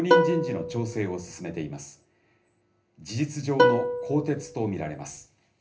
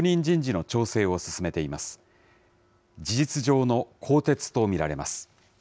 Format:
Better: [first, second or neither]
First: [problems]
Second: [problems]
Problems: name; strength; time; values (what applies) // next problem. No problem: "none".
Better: second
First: background sound (Plucked string instrument); 4 dB above the speech // room echo; dies away in 0.3 s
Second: none